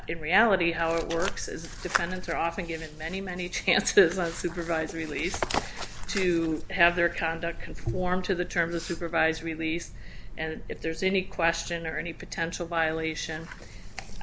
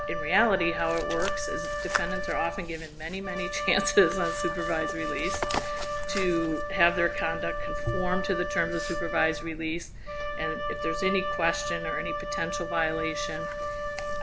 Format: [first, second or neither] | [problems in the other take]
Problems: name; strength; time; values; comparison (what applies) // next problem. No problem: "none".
first | background sound (Wind instrument, woodwind instrument); 3 dB below the speech